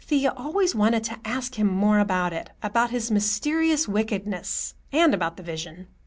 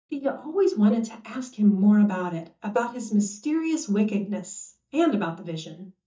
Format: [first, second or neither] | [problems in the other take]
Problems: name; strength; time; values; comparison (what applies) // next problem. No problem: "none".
first | noise reduction (neural mask model DeepFilterNet 3)